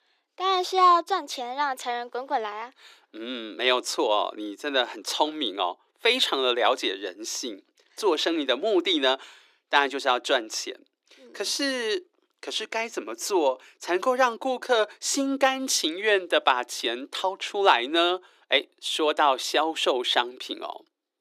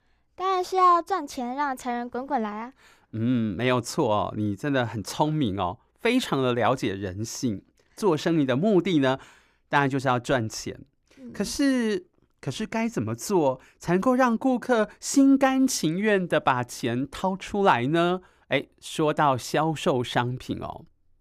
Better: second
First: thin; somewhat; fading below 350 Hz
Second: none

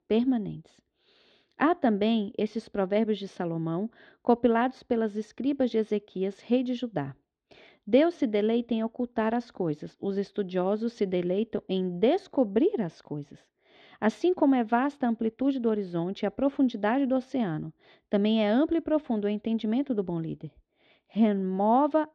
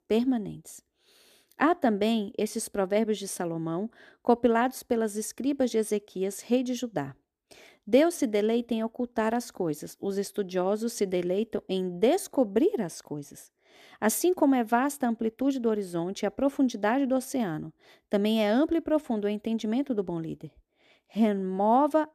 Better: second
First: muffled; slightly; fading above 4 kHz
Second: none

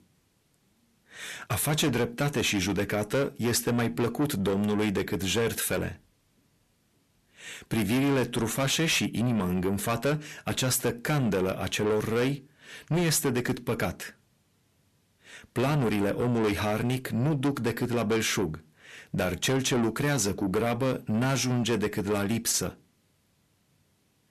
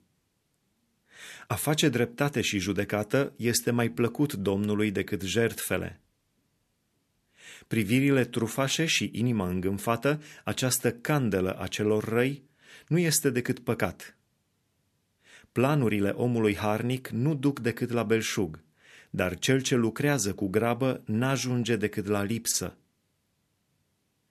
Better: second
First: distortion; heavy; 7 dB below the speech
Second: none

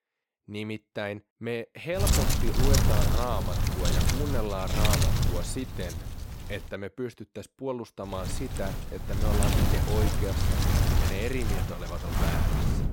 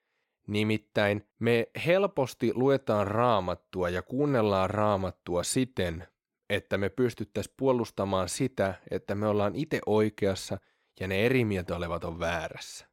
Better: second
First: wind noise on the microphone; heavy; from 2 to 6.5 s and from 8 s on; 2 dB above the speech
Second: none

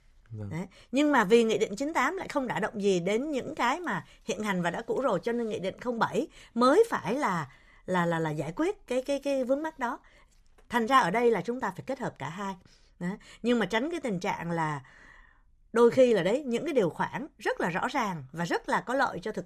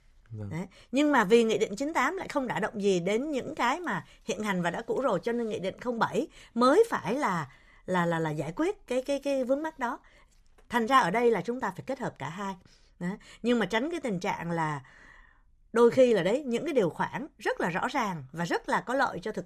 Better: neither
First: none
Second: none

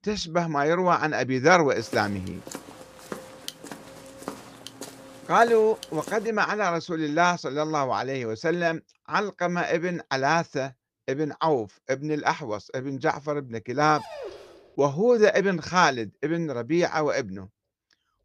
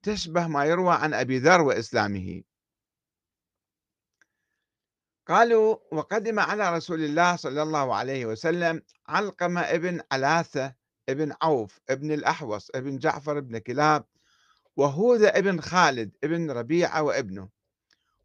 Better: second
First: footsteps; faint; from 2 to 6.5 s; peak 10 dB below the speech // dog barking; faint; at 14 s; peak 15 dB below the speech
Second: none

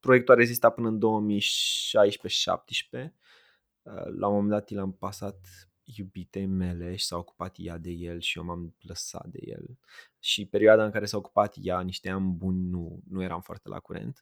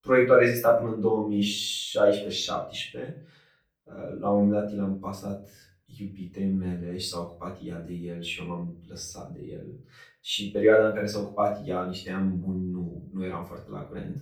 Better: first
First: none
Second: off-mic speech; far // room echo; noticeable; dies away in 0.4 s

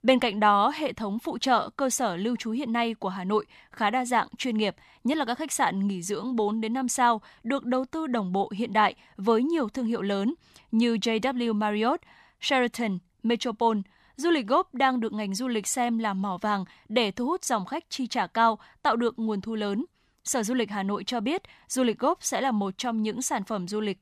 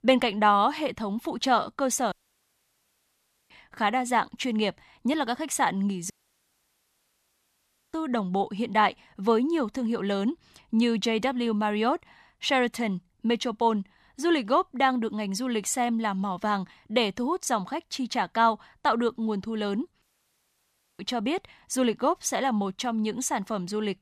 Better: first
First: none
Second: audio cutting out; at 2 s for 1.5 s, at 6 s for 2 s and at 20 s for 1 s

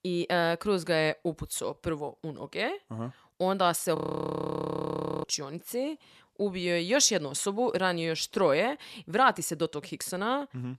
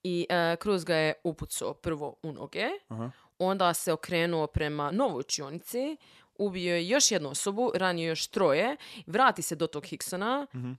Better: second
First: audio freezing; at 4 s for 1.5 s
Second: none

